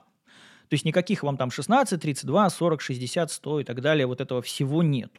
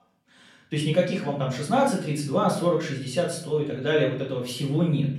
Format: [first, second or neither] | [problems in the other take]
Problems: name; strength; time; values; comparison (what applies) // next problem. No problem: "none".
first | off-mic speech; far // room echo; noticeable; dies away in 0.5 s